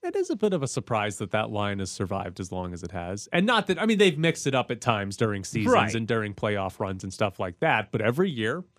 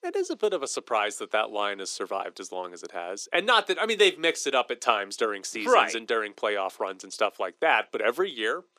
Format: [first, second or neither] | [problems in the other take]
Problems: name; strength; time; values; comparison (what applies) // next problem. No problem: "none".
first | thin; very; fading below 350 Hz